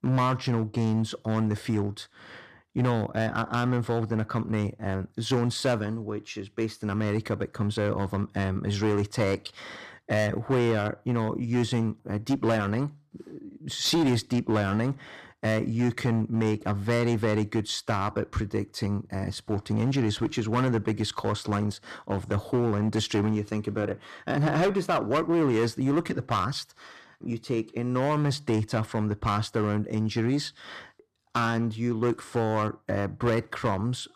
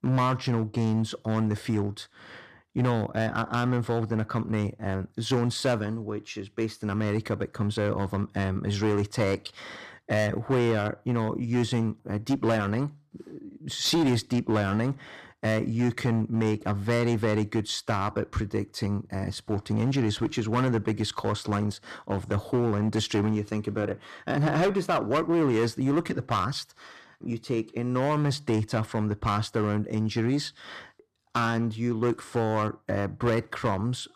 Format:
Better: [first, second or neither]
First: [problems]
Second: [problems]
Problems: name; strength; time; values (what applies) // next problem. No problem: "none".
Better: neither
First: distortion; slight; 8% of the sound clipped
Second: distortion; slight; 8% of the sound clipped